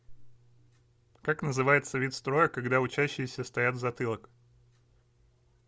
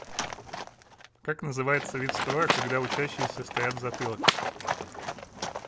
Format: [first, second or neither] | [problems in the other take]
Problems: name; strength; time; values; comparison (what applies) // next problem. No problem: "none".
first | background sound (Livestock, farm animals, working animals); as loud as the speech